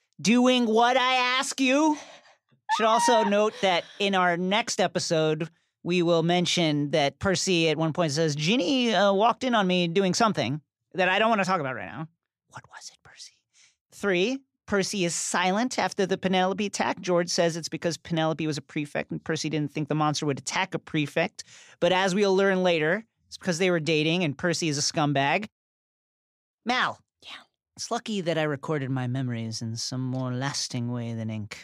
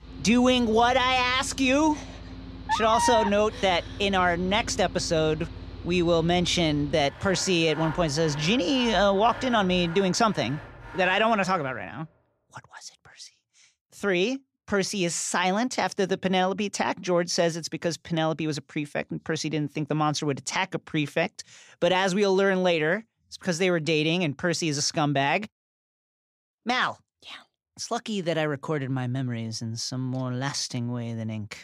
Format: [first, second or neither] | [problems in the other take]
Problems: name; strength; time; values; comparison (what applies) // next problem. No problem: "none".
first | machinery noise; noticeable; until 12 s; 15 dB below the speech